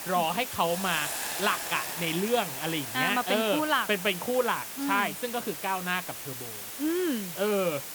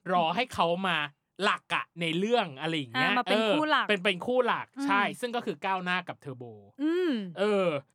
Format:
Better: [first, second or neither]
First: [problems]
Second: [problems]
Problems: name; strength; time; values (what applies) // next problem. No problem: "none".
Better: second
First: hiss; loud; throughout; 6 dB below the speech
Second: none